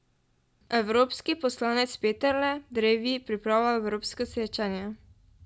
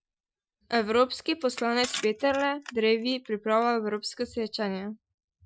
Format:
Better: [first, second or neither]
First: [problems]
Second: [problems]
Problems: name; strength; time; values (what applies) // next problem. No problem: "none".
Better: first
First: none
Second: noise reduction (classical method Wiener filter)